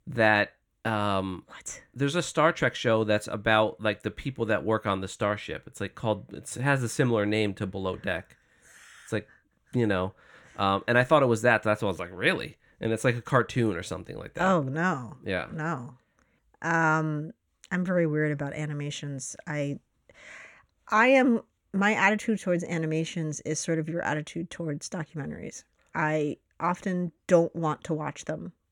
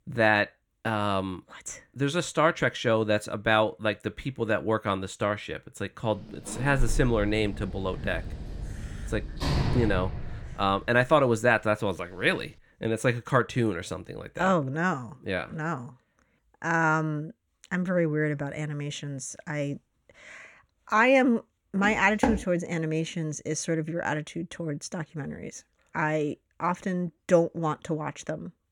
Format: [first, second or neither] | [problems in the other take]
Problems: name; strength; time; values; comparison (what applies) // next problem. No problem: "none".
first | door banging; loud; from 6.5 to 11 s; peak level with the speech // footsteps; noticeable; at 22 s; peak 1 dB below the speech